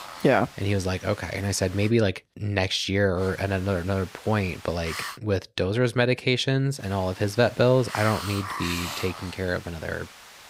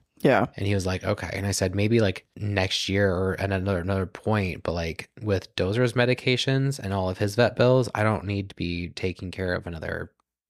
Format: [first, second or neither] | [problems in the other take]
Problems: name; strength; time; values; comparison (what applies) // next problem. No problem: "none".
second | hiss; noticeable; until 2 s, from 3 to 5 s and from 7 s on; 10 dB below the speech